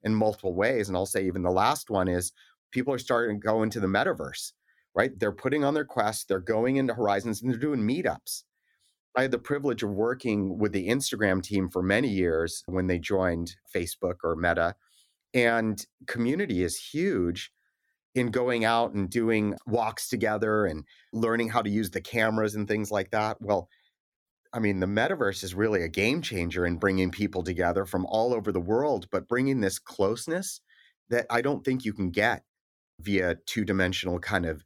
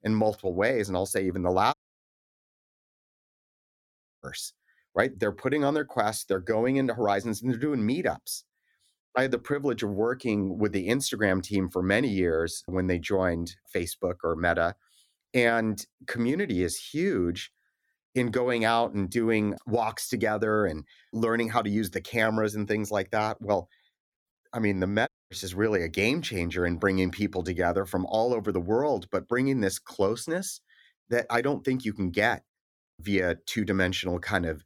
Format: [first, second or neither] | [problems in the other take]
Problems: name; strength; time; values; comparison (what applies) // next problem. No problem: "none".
first | audio cutting out; at 1.5 s for 2.5 s and at 25 s